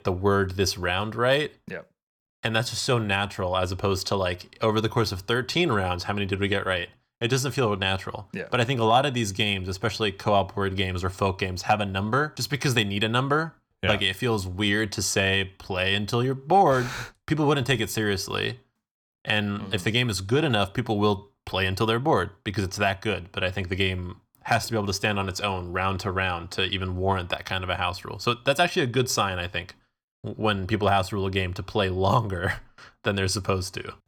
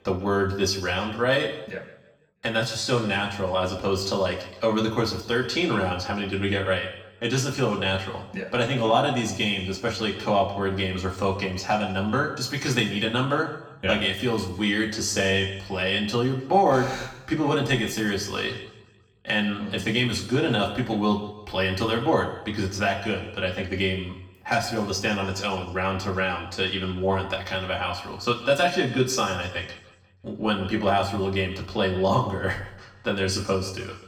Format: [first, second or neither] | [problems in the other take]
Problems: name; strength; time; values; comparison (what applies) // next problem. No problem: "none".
first | room echo; slight; dies away in 0.9 s // off-mic speech; far